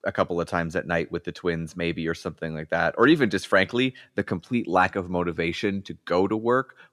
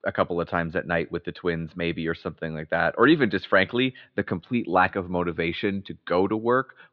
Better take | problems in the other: first | muffled; very slightly; fading above 4 kHz

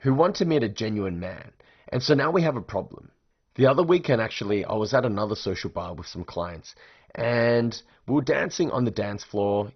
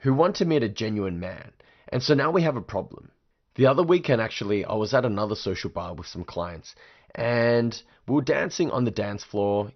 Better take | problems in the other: second | garbled, watery; badly; nothing above 6 kHz; slightly in the second

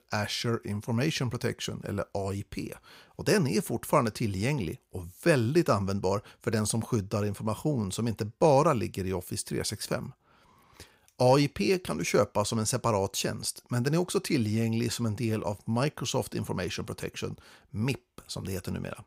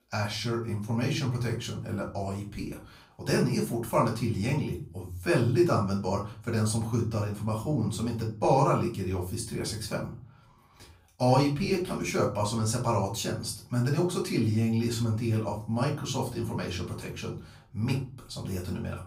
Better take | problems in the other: first | off-mic speech; far // room echo; slight; dies away in 0.4 s

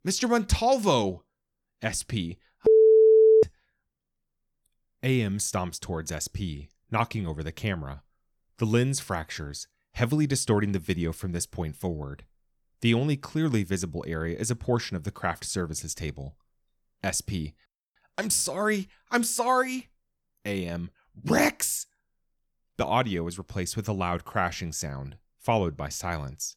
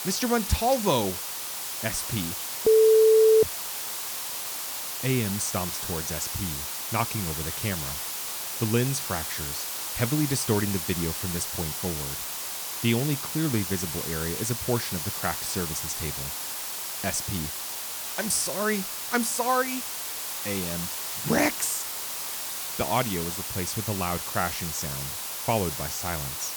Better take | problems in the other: first | hiss; loud; throughout; 3 dB below the speech

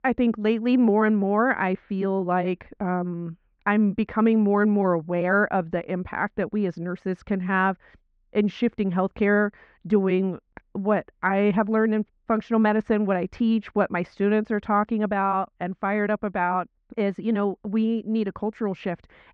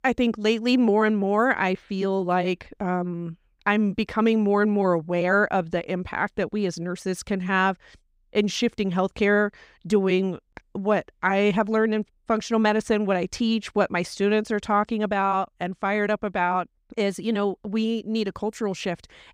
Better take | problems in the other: second | muffled; very; fading above 1.5 kHz

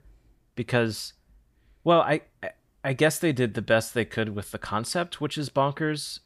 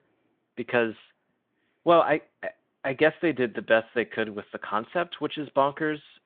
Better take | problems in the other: first | phone-call audio

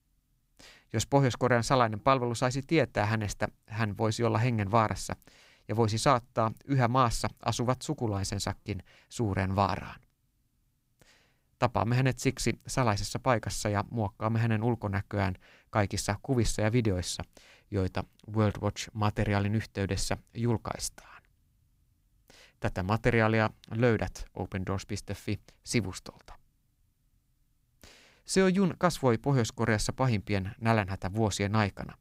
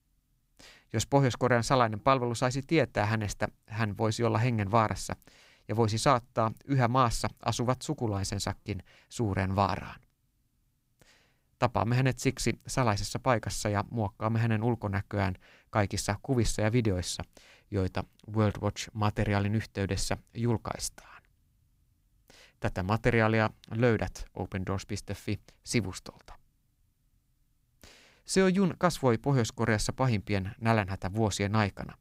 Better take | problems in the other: neither | none

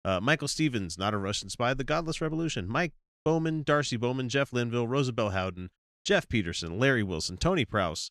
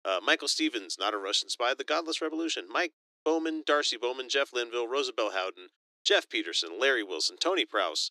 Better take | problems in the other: first | thin; very; fading below 300 Hz

